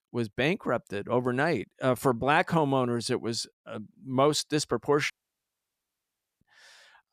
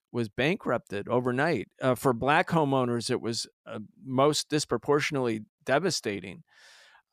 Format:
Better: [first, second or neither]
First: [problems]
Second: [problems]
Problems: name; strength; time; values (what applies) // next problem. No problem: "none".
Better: second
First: audio cutting out; at 5 s for 1.5 s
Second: none